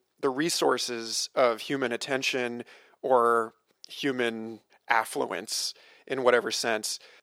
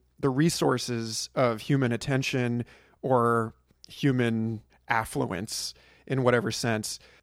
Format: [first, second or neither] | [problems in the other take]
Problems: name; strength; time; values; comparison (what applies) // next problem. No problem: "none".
second | thin; somewhat; fading below 450 Hz